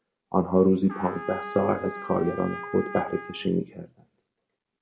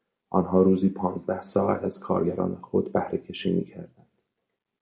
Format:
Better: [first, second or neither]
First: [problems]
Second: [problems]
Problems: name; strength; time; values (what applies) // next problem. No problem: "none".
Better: second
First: background sound (Trumpet); 13 dB below the speech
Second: none